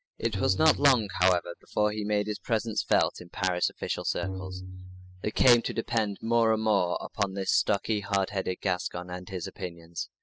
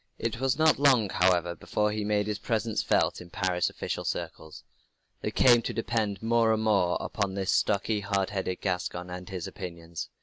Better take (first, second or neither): second